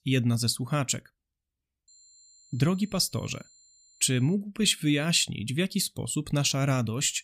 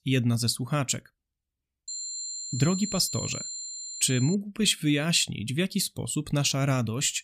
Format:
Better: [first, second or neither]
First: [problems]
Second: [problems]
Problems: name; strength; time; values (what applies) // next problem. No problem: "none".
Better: first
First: high-pitched whine; faint; from 2 to 4.5 s; 7 kHz, 30 dB below the speech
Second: high-pitched whine; loud; from 2 to 4.5 s; 7 kHz, 7 dB below the speech